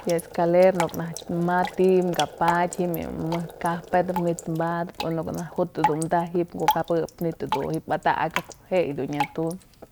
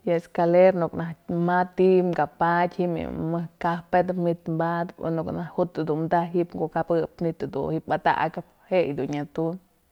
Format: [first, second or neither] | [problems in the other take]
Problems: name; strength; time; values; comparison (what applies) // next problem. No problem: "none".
second | background sound (Drip); 9 dB below the speech